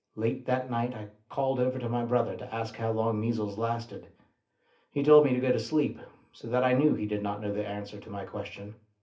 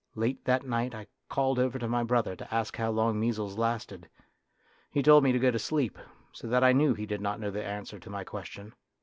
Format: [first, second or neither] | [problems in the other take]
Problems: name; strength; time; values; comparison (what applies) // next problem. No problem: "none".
second | room echo; dies away in 0.3 s